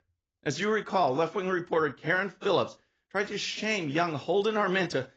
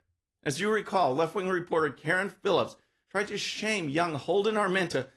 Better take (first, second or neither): second